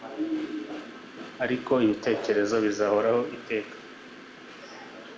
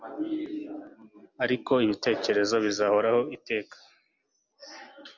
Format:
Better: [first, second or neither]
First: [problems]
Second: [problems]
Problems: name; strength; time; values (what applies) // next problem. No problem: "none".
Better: second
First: background sound (Train); 16 dB below the speech // room echo; dies away in 0.6 s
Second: none